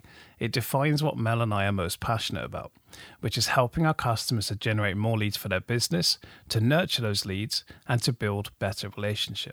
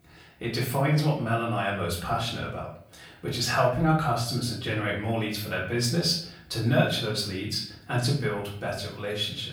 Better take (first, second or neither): first